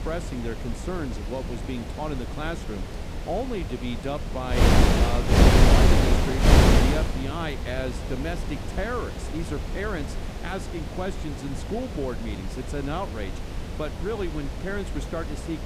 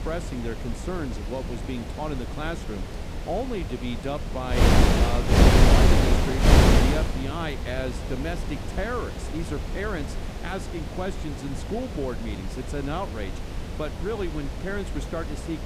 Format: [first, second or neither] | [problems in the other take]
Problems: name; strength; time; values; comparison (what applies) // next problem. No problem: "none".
neither | wind noise on the microphone; heavy; 3 dB above the speech; the same in both